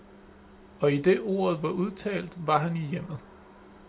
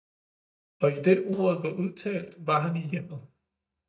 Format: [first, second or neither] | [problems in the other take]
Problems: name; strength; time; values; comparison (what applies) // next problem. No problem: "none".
first | noise reduction (neural mask model DeepFilterNet 3)